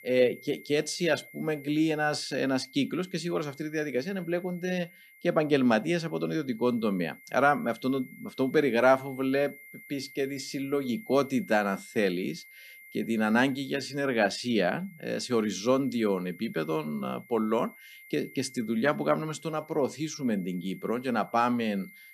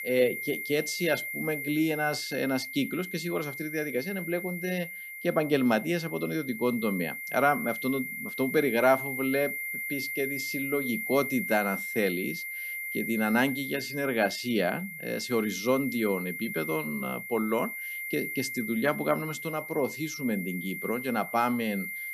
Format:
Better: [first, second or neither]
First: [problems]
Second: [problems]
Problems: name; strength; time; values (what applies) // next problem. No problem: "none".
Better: first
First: high-pitched whine; faint; throughout; 2 kHz, 20 dB below the speech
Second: high-pitched whine; loud; throughout; 2 kHz, 5 dB below the speech